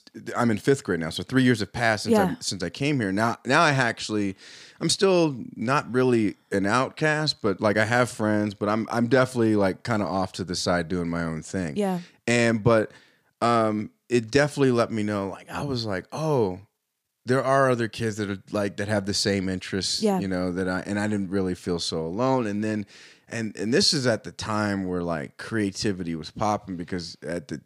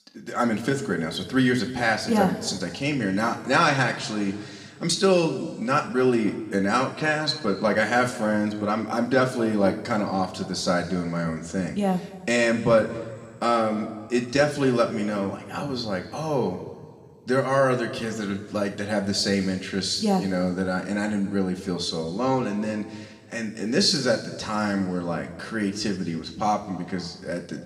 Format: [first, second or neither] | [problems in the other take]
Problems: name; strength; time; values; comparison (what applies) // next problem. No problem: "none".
first | room echo; slight; dies away in 1.9 s // off-mic speech; somewhat distant